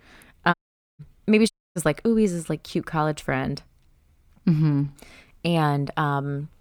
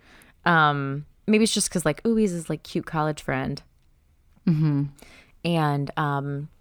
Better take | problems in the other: second | audio cutting out; at 0.5 s and at 1.5 s

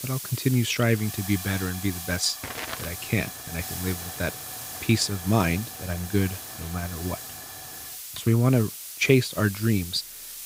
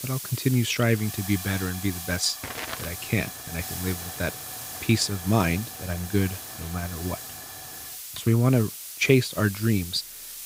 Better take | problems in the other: neither | hiss; loud; throughout; 9 dB below the speech; the same in both

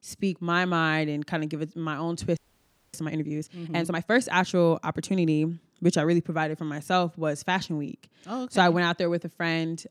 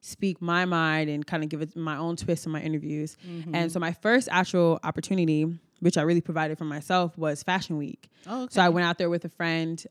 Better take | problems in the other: second | audio freezing; at 2.5 s for 0.5 s

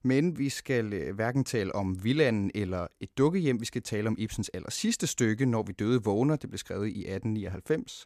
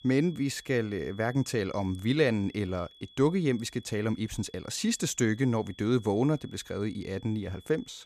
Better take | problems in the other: first | high-pitched whine; faint; throughout; 3.5 kHz, 25 dB below the speech

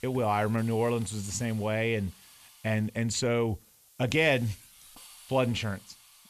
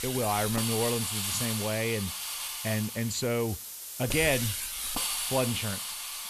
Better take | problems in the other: first | hiss; loud; throughout; 1 dB below the speech; faint in the first

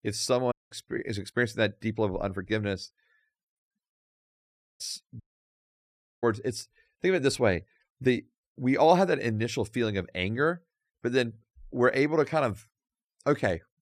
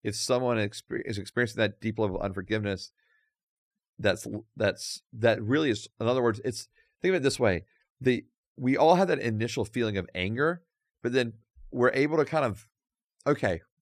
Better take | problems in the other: second | audio cutting out; at 0.5 s, at 4 s for 1 s and at 5 s for 1 s

